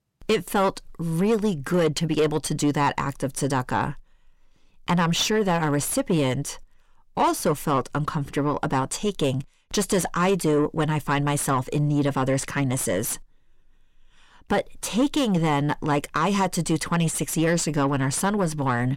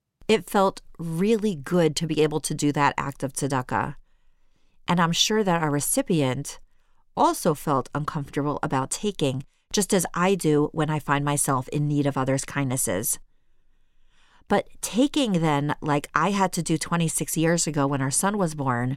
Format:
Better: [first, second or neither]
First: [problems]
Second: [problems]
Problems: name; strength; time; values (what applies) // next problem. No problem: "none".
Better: second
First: distortion; slight; 10 dB below the speech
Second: none